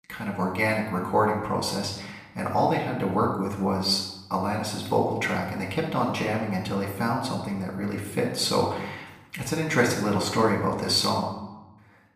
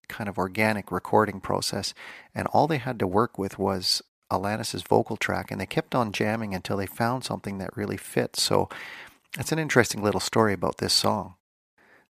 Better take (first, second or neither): second